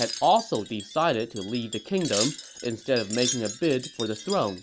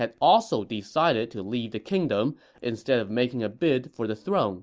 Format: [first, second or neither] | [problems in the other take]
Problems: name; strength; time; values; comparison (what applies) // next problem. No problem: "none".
second | background sound (Wind chime); 9 dB below the speech